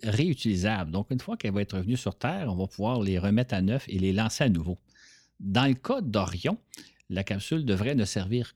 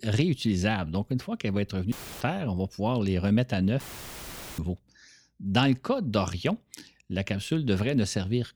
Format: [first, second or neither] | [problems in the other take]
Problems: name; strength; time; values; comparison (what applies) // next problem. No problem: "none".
first | audio cutting out; filled with static; at 2 s and at 4 s for 1 s